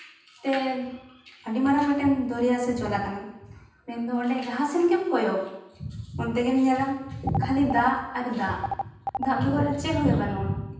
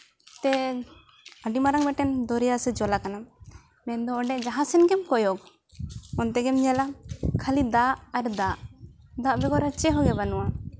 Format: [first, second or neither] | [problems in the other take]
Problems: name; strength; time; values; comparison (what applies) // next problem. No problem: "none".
second | background sound (Telephone); 9 dB below the speech // room echo; dies away in 0.9 s